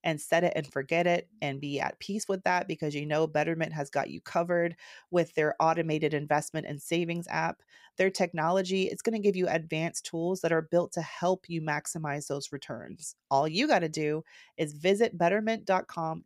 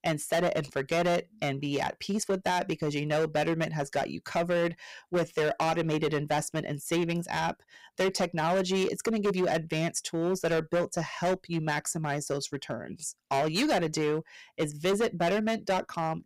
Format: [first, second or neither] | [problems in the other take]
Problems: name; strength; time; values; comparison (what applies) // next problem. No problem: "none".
first | distortion; heavy; 12% of the sound clipped